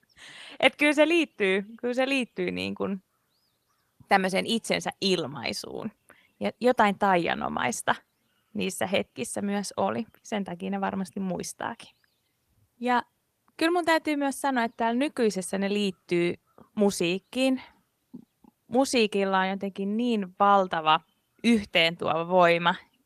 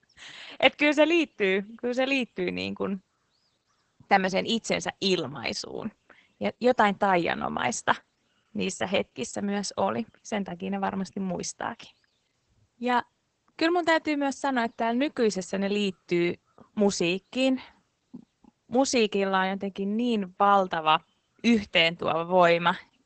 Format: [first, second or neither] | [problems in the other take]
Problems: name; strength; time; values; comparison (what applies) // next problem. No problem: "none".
first | garbled, watery; badly; nothing above 8 kHz; slightly in the first